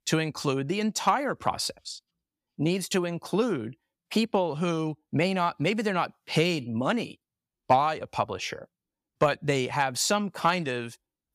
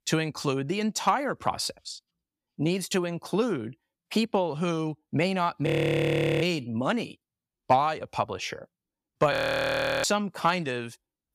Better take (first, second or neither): first